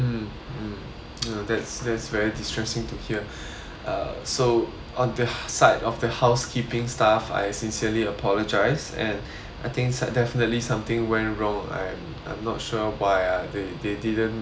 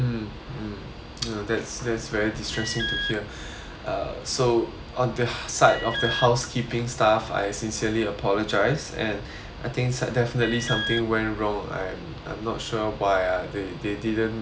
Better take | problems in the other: first | background sound (Alarm); 6 dB below the speech

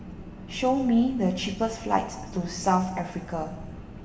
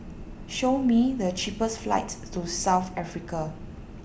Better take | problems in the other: second | room echo; dies away in 1.8 s

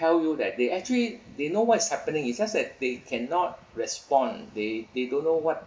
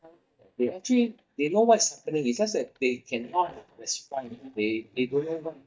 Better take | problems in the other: first | noise reduction (neural mask model DeepFilterNet 3)

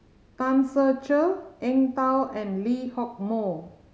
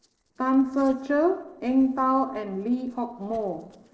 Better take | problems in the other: first | noise reduction (neural separator model SepFormer DNS4)

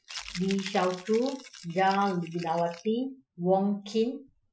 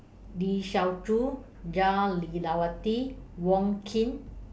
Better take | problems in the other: second | noise reduction (classical method Wiener filter)

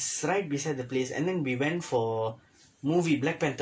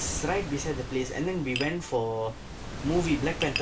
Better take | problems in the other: first | background sound (Tap + Waves, surf); 6 dB below the speech

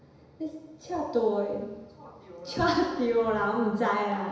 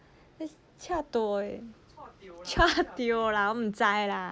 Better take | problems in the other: second | room echo; dies away in 1 s

